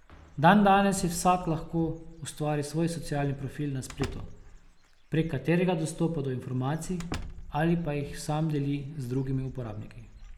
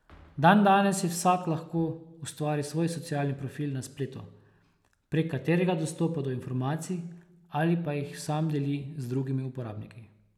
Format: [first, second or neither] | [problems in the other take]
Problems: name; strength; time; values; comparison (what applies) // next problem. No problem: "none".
second | background sound (Bird / Dog + Slam); 15 dB below the speech